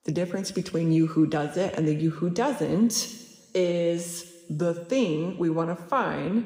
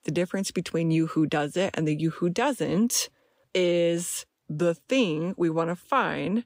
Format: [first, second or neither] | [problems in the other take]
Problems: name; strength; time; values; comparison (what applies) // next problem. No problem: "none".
second | room echo; slight; dies away in 1.3 s